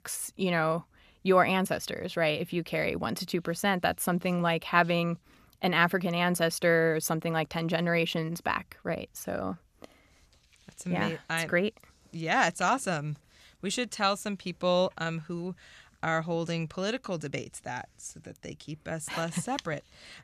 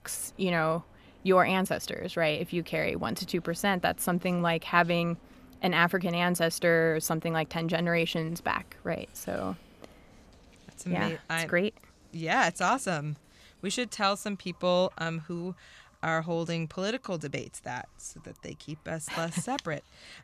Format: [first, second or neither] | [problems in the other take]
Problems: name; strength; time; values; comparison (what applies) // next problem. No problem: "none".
first | household noises; faint; throughout; 30 dB below the speech